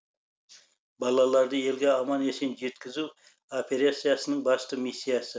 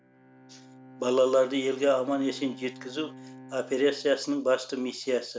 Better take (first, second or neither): first